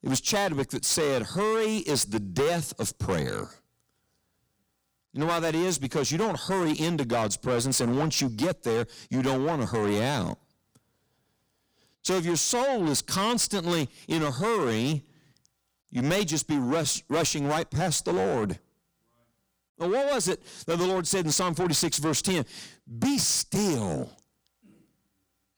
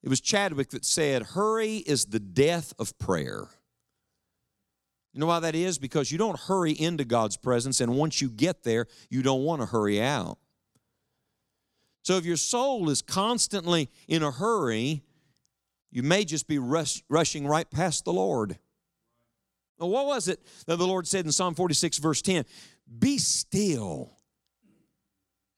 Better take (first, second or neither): second